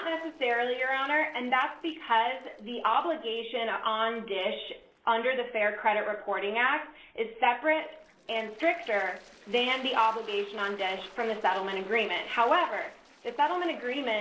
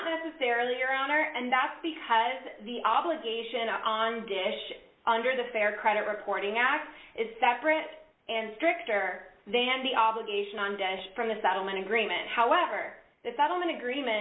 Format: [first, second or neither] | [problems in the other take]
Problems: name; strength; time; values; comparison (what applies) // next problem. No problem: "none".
second | noise reduction (neural separator model SepFormer DNS4)